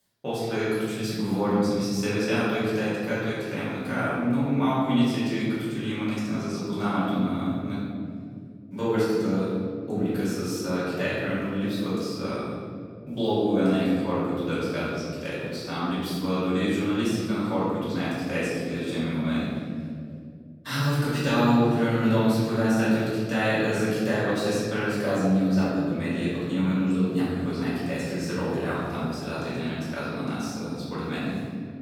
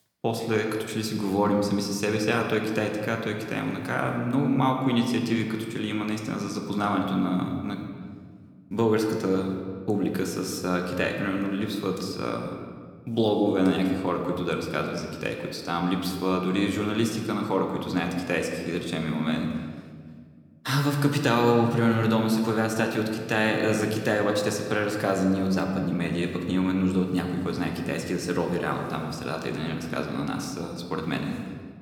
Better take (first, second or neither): second